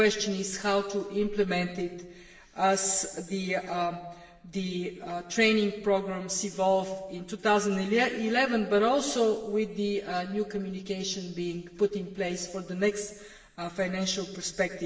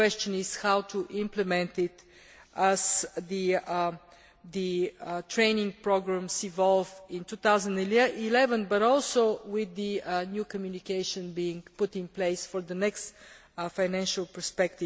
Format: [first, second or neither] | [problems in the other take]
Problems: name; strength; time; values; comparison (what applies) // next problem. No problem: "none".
second | room echo; dies away in 1.1 s